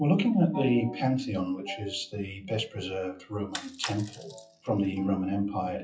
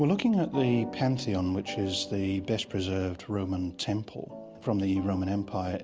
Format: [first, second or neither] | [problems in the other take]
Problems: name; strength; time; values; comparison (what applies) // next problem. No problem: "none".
second | noise reduction (classical method WPE with log-MMSE)